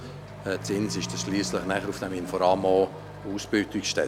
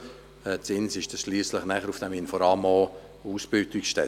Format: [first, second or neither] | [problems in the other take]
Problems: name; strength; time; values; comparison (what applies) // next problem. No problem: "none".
second | background sound (Accelerating, revving, vroom / Truck); 11 dB below the speech